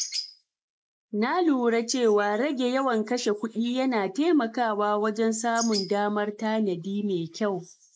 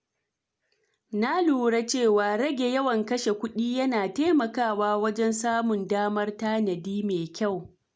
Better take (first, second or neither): second